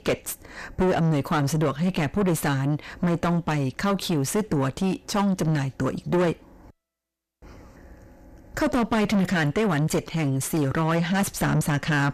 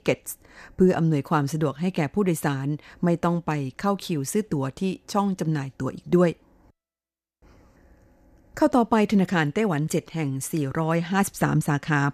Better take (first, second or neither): second